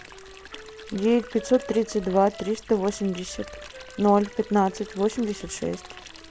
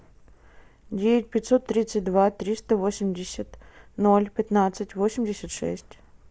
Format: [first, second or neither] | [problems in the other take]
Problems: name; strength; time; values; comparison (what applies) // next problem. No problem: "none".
second | background sound (Wind instrument, woodwind instrument + Stream); 17 dB below the speech